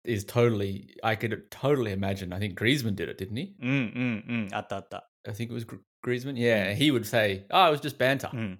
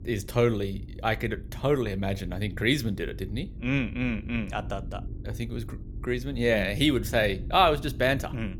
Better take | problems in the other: first | low rumble; faint; throughout; 25 dB below the speech

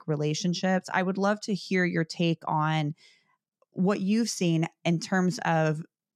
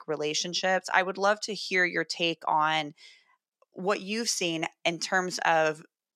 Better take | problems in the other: first | thin; very; fading below 450 Hz

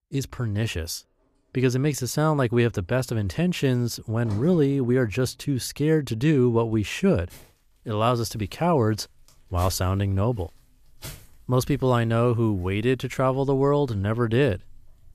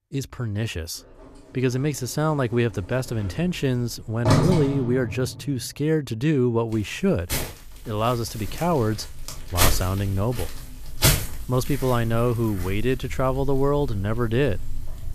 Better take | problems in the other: first | household noises; loud; throughout; 3 dB below the speech; faint in the first

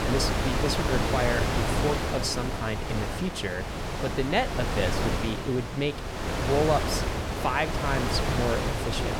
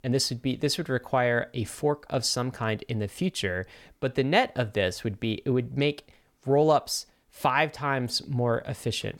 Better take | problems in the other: second | wind noise on the microphone; heavy; as loud as the speech

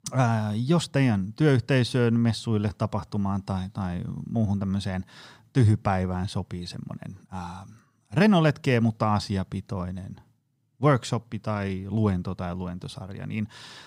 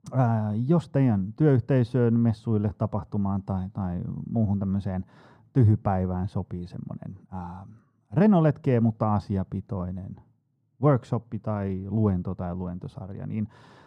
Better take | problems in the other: first | muffled; very; fading above 1.5 kHz

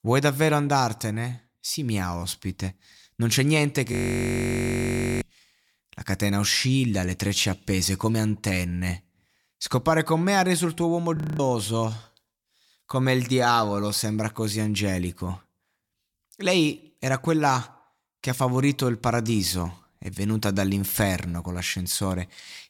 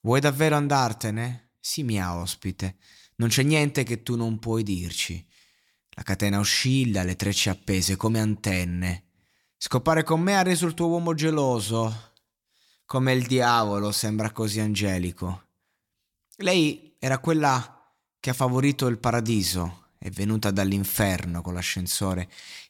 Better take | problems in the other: second | audio freezing; at 4 s for 1.5 s and at 11 s

